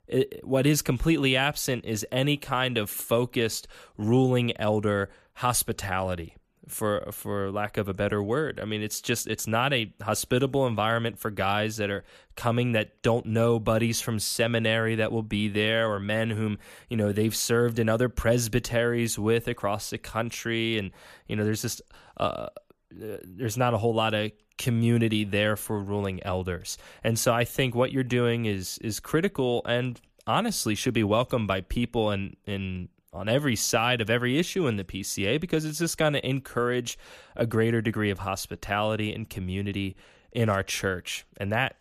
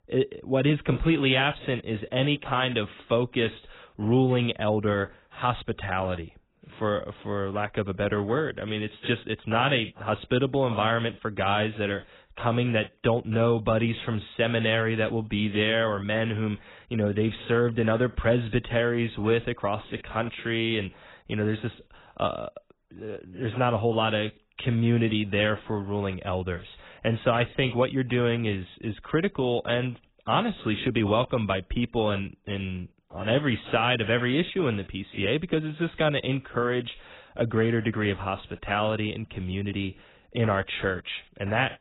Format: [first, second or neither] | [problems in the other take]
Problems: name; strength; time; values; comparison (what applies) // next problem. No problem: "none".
first | garbled, watery; badly; nothing above 4 kHz